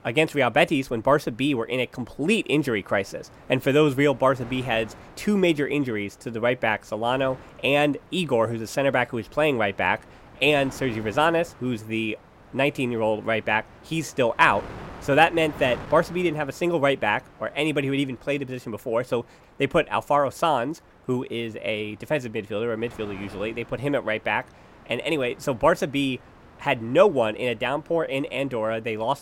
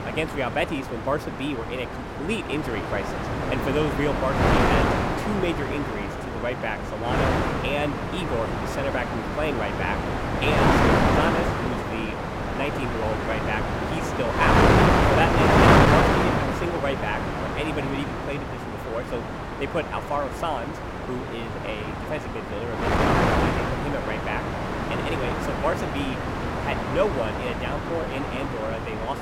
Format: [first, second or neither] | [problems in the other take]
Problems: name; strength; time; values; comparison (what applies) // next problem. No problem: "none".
first | wind noise on the microphone; heavy; 4 dB above the speech; occasional gusts in the first